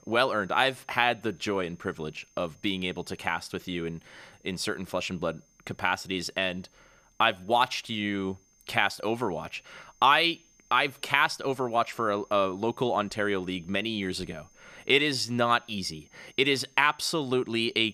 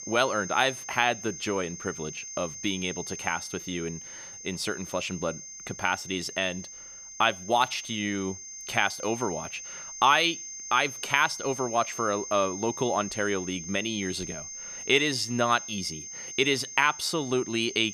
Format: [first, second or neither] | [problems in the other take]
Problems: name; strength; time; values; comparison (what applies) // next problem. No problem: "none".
first | high-pitched whine; loud; throughout; 6.5 kHz, 10 dB below the speech; faint in the first